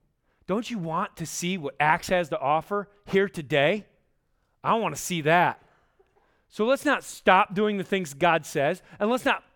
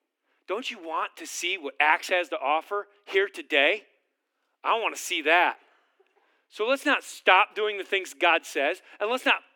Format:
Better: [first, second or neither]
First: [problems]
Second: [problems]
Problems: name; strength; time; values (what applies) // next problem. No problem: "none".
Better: first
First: none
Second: thin; somewhat; fading below 250 Hz